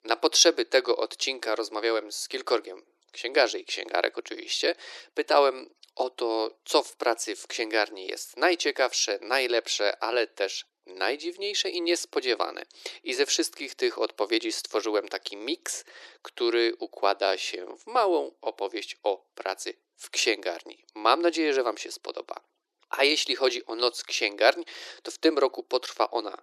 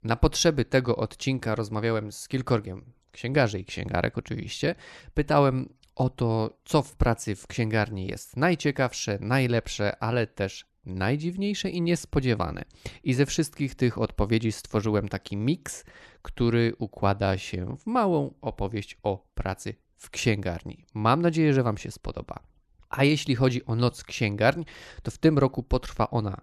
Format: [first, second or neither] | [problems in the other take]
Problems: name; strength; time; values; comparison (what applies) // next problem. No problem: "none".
second | thin; very; fading below 350 Hz